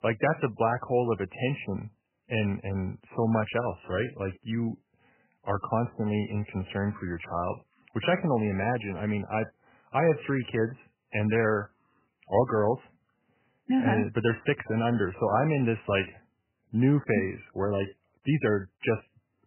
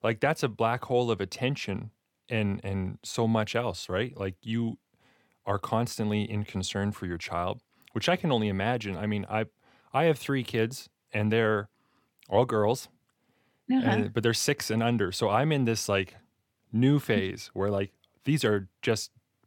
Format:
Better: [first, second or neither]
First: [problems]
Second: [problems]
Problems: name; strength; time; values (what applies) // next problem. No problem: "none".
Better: second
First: garbled, watery; badly; nothing above 3 kHz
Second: none